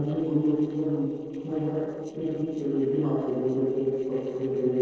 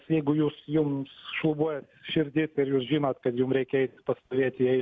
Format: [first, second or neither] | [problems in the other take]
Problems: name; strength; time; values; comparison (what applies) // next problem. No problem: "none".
second | noise reduction (neural separator model SepFormer DNS4)